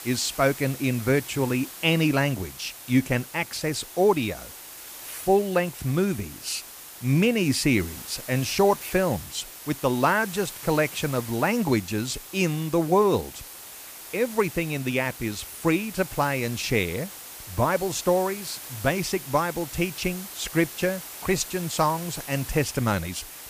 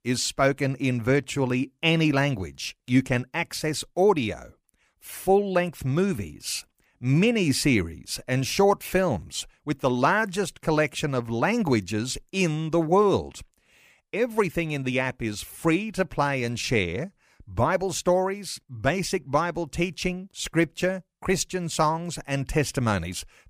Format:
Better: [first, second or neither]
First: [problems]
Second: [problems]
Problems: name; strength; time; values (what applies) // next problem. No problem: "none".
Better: second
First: hiss; noticeable; throughout; 15 dB below the speech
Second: none